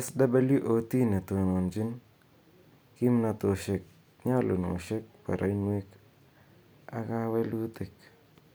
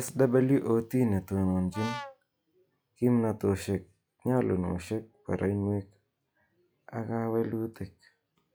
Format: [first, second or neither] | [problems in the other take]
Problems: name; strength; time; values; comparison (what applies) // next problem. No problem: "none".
first | noise reduction (classical method log-MMSE)